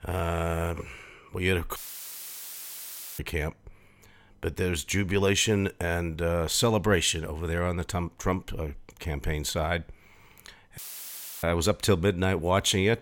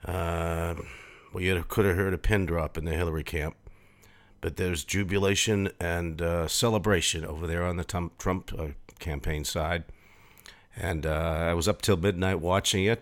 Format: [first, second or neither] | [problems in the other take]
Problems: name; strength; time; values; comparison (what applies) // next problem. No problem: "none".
second | audio cutting out; filled with static; at 2 s for 1.5 s and at 11 s for 0.5 s